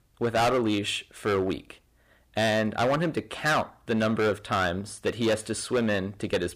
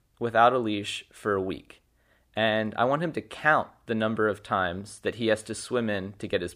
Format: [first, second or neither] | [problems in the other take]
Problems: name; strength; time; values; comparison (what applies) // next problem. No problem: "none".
second | distortion; heavy; 10% of the sound clipped